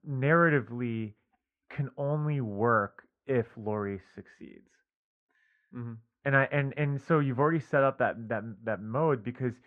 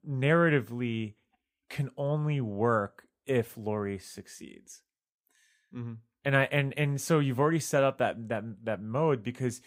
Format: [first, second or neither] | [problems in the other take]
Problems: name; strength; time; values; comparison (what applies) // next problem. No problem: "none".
second | muffled; very; fading above 1.5 kHz